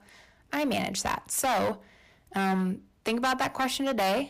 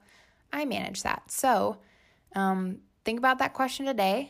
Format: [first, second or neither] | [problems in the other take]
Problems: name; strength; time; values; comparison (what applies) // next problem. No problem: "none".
second | distortion; heavy; 15% of the sound clipped